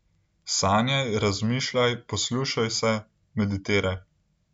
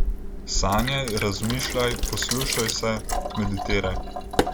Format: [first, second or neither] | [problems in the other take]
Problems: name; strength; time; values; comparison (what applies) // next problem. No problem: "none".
first | background sound (Sink (filling or washing)); as loud as the speech